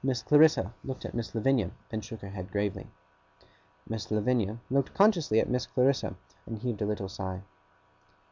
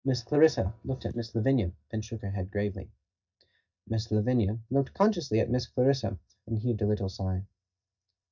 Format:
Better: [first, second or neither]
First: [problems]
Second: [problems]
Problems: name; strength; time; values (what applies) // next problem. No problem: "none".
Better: first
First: none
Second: noise reduction (neural mask model DeepFilterNet 3)